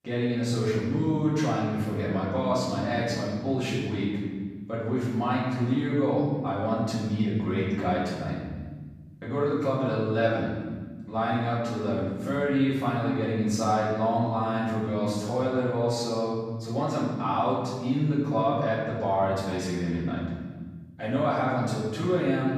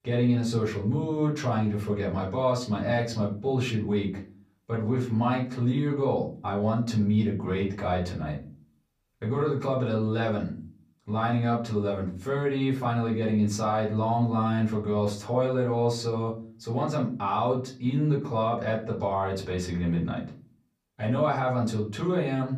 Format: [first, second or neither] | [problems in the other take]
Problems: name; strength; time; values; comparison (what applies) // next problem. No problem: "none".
second | room echo; strong; dies away in 1.5 s; slight in the second // off-mic speech; far; far in the second